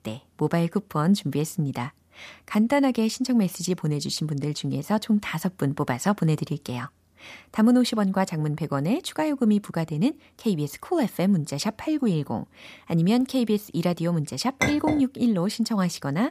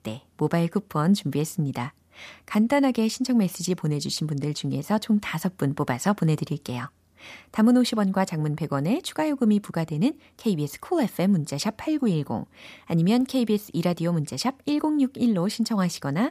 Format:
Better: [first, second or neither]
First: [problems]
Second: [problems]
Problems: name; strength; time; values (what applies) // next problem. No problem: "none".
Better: second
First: clattering dishes; noticeable; at 15 s; peak 1 dB below the speech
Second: none